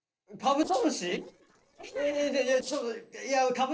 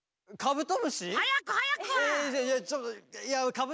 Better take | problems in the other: second | noise reduction (neural separator model SepFormer DNS4)

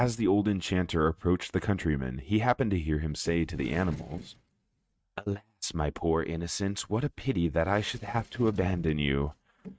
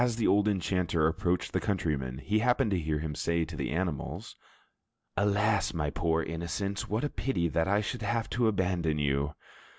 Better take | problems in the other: second | noise reduction (neural mask model RNNoise)

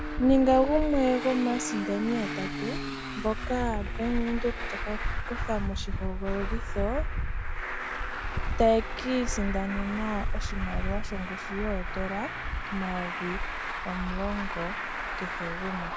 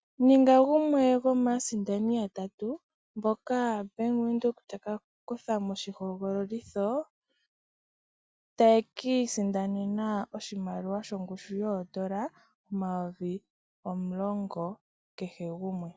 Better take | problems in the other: second | background sound (Traffic noise, roadway noise); 1 dB below the speech

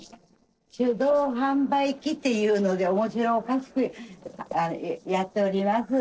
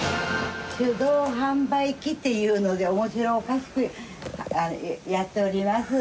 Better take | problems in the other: second | noise reduction (neural separator model SepFormer DNS4)

